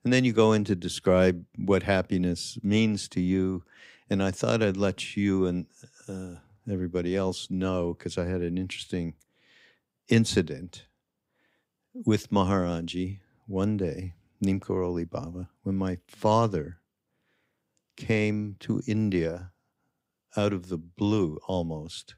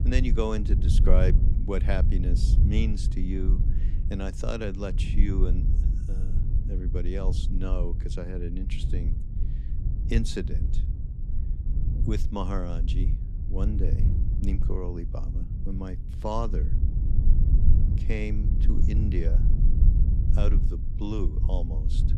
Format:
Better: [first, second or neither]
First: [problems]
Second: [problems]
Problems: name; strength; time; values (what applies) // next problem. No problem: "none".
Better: first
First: none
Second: low rumble; loud; throughout; 8 dB below the speech